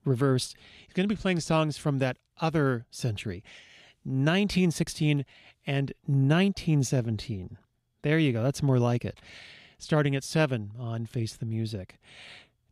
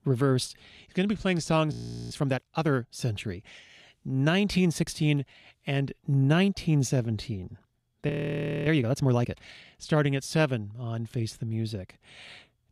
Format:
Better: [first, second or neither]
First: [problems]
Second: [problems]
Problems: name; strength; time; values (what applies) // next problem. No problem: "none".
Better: first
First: none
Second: audio freezing; at 1.5 s and at 8 s for 0.5 s